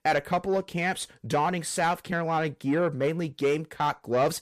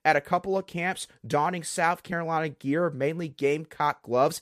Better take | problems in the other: second | distortion; slight; 10 dB below the speech

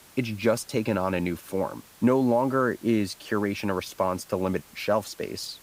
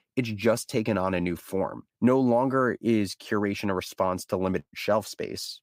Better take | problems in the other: second | hiss; faint; throughout; 25 dB below the speech

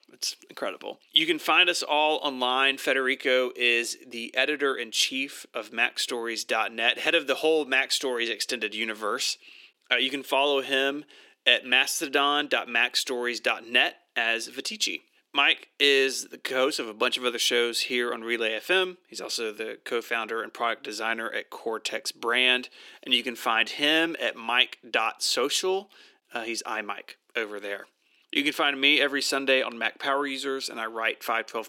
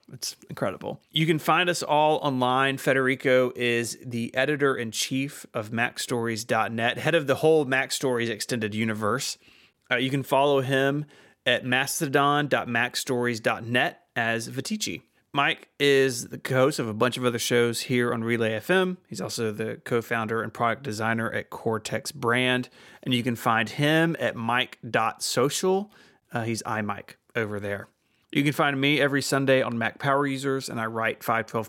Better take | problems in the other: second | thin; very slightly; fading below 300 Hz

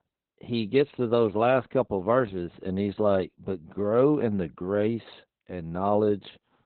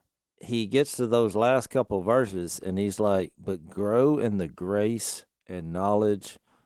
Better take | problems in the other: second | garbled, watery; badly; nothing above 4 kHz; slightly in the second

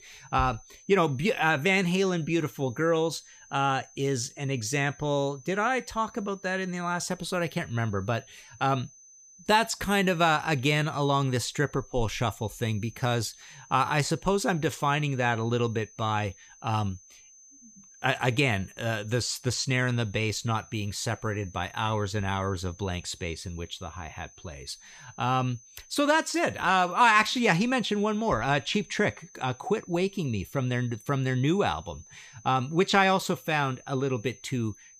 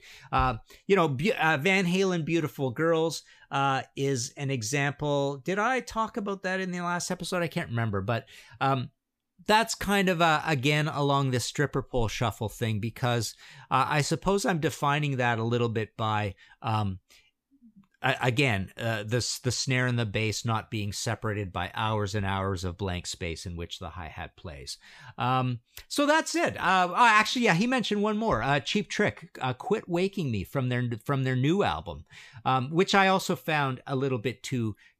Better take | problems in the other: second | high-pitched whine; faint; throughout; 6 kHz, 25 dB below the speech

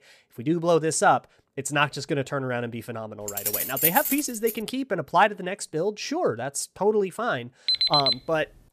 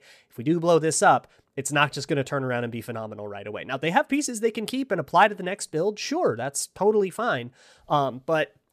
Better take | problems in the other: second | jangling keys; loud; from 3.5 to 4.5 s; peak 4 dB above the speech // alarm; loud; at 7.5 s; peak 6 dB above the speech

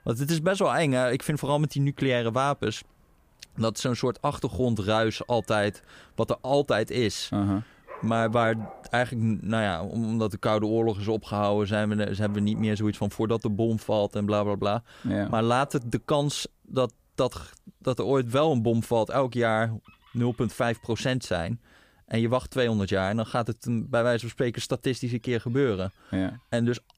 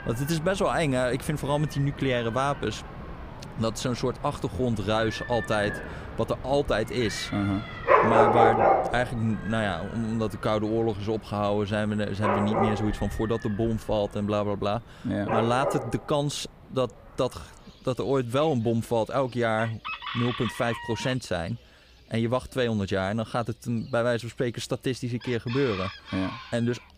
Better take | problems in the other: first | animal sounds; loud; throughout; 2 dB below the speech; faint in the first

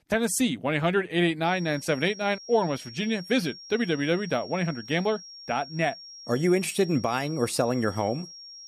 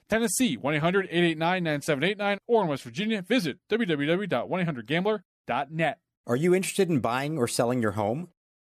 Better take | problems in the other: second | high-pitched whine; noticeable; from 1.5 s on; 5.5 kHz, 15 dB below the speech

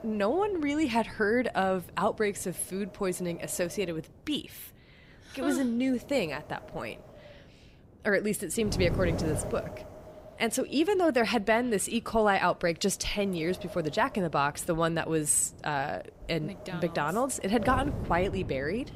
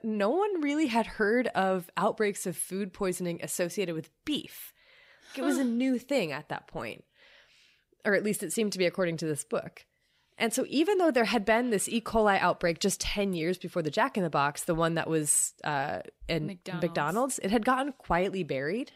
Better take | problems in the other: second | wind noise on the microphone; occasional gusts; 15 dB below the speech

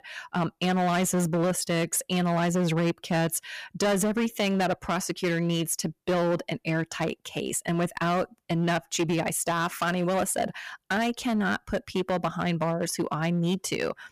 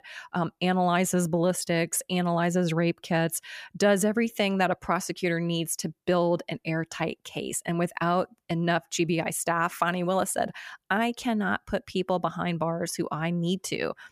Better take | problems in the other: second | distortion; slight; 12% of the sound clipped

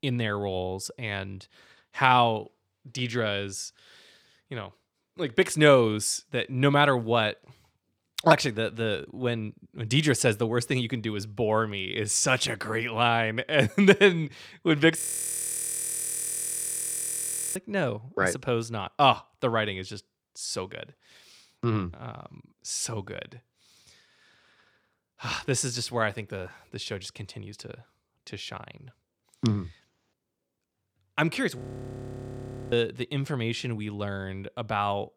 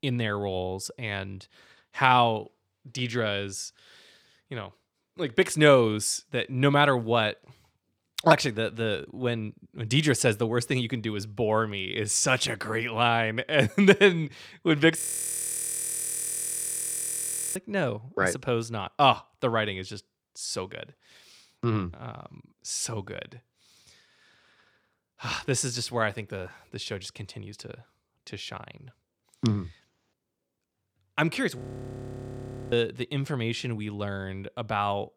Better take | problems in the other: neither | audio freezing; at 15 s for 2.5 s and at 32 s for 1 s; the same in both

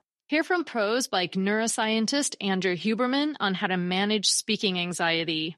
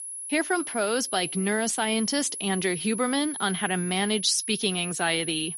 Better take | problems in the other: first | high-pitched whine; loud; throughout; 10.5 kHz, 6 dB below the speech

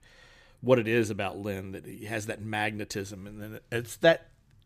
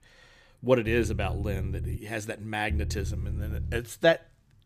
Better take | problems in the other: first | low rumble; noticeable; from 1 to 2 s and from 2.5 to 4 s; 20 dB below the speech

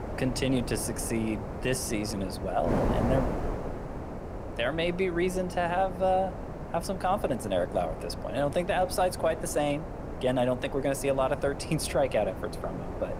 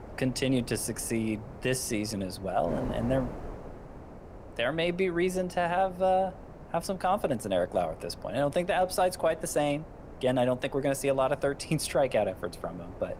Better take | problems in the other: second | wind noise on the microphone; heavy; 9 dB below the speech; occasional gusts in the second

